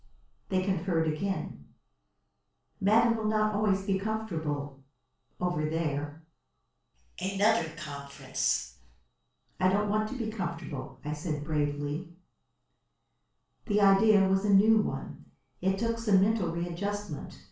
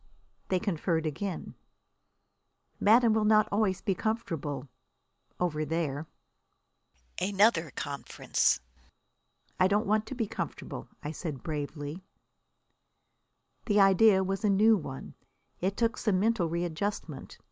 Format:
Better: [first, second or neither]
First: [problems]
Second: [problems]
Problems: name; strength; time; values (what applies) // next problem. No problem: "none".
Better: second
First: room echo; dies away in 0.4 s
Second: none